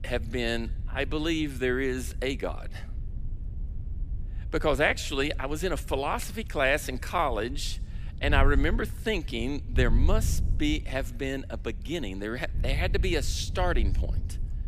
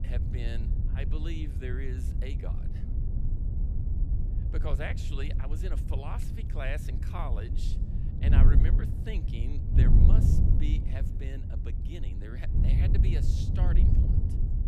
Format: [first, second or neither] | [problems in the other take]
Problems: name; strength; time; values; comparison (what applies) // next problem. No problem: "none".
first | wind noise on the microphone; heavy; 1 dB below the speech; occasional gusts in the first